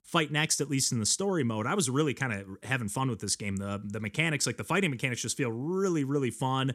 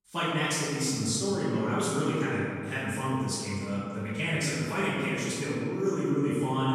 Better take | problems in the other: first | off-mic speech; far // room echo; strong; dies away in 2 s

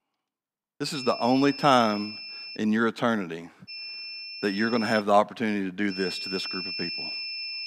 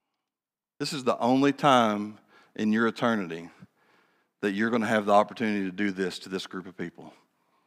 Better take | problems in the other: second | high-pitched whine; loud; from 1 to 2.5 s, from 3.5 to 5 s and from 6 s on; 5.5 kHz, 8 dB below the speech

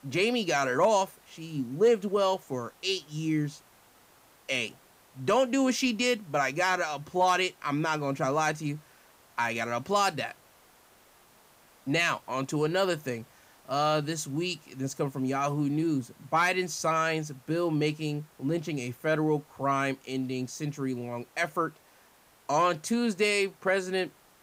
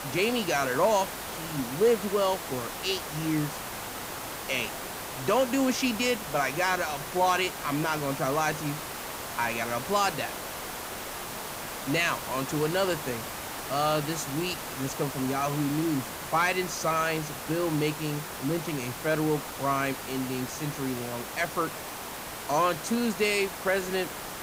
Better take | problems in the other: first | hiss; loud; throughout; 7 dB below the speech; faint in the first

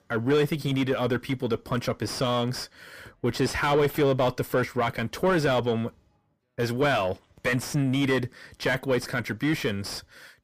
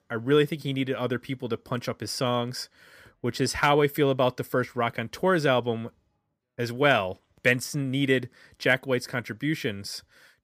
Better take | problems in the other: second | distortion; heavy; 6 dB below the speech

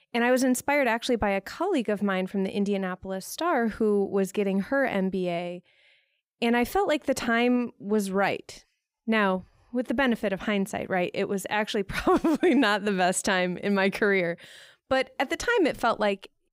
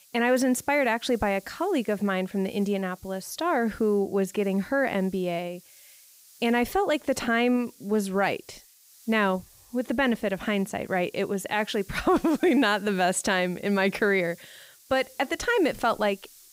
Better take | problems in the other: first | hiss; faint; throughout; 25 dB below the speech

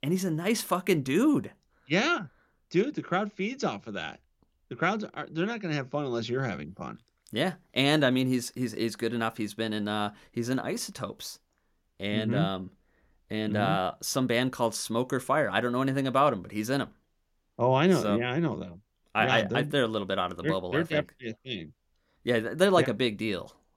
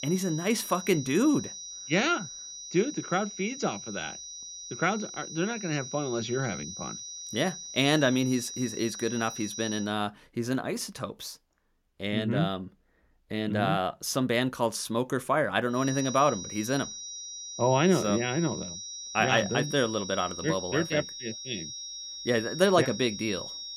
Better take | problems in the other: first | high-pitched whine; loud; until 10 s and from 16 s on; 6 kHz, 9 dB below the speech

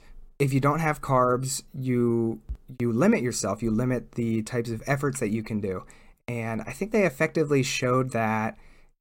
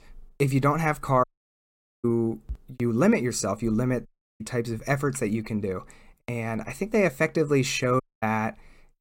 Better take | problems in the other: first | audio cutting out; at 1 s for 1 s, at 4 s and at 8 s

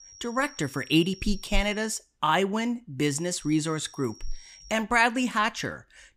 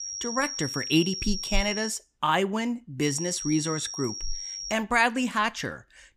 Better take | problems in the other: first | high-pitched whine; loud; until 2 s and from 3 to 4.5 s; 5.5 kHz, 6 dB below the speech; faint in the first

